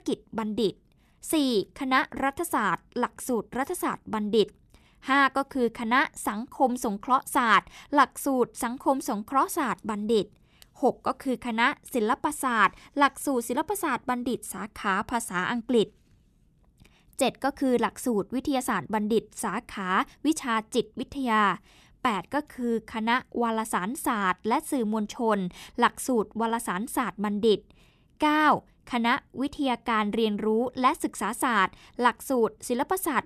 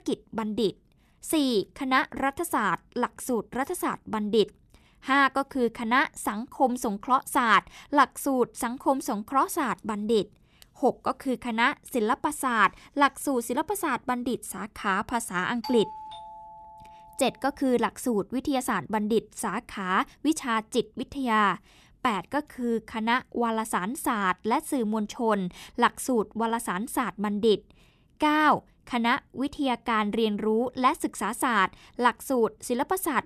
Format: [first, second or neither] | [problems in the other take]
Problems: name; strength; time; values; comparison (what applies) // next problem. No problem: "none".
first | doorbell; faint; from 16 to 17 s; peak 10 dB below the speech